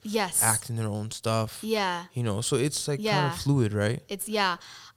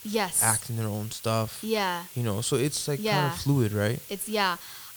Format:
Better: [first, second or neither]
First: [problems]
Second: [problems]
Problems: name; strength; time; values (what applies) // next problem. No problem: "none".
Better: first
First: none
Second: hiss; noticeable; throughout; 15 dB below the speech